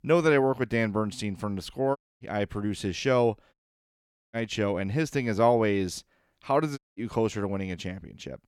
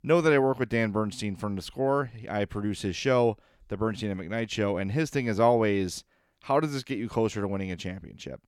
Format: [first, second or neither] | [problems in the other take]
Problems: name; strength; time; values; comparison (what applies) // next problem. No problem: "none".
second | audio cutting out; at 2 s, at 3.5 s for 1 s and at 7 s